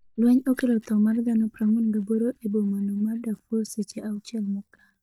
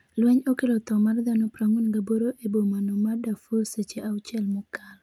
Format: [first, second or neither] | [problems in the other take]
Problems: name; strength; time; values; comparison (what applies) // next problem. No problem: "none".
second | noise reduction (neural mask model DeepFilterNet 3)